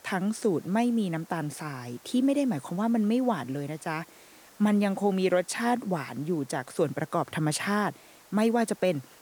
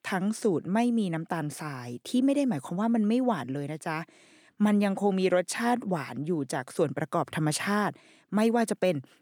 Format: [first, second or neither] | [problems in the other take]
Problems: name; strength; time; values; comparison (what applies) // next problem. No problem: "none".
second | hiss; faint; throughout; 25 dB below the speech